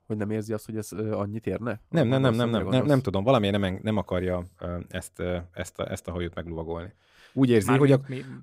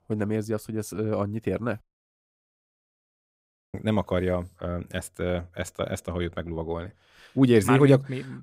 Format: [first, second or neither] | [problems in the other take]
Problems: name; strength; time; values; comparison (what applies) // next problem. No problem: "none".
first | audio cutting out; at 2 s for 2 s